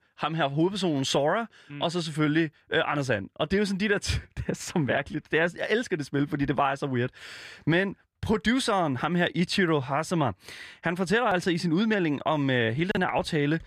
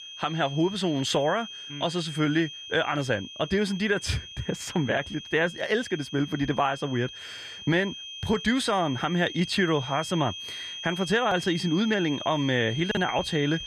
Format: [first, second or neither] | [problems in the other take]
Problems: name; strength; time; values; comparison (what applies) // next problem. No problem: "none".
first | high-pitched whine; noticeable; throughout; 3 kHz, 10 dB below the speech